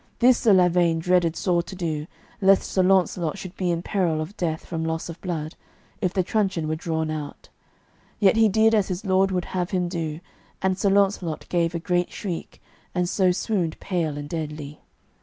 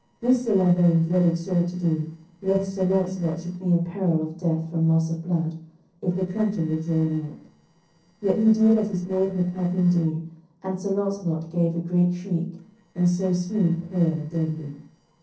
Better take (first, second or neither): first